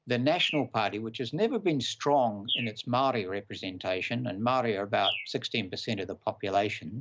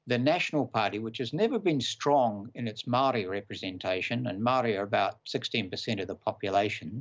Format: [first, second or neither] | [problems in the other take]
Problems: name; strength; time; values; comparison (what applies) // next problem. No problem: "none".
second | background sound (Bird); 10 dB below the speech